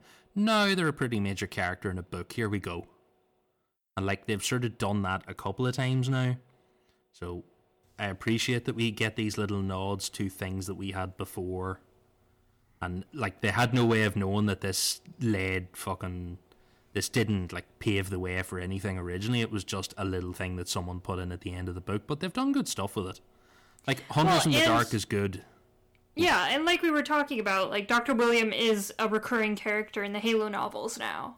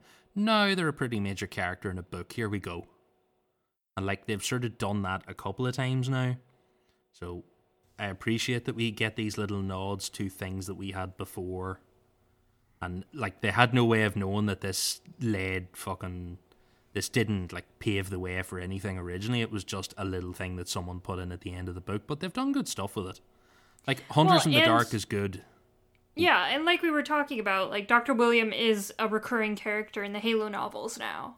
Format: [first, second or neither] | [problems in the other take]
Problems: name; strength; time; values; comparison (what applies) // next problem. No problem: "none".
second | distortion; slight; 2% of the sound clipped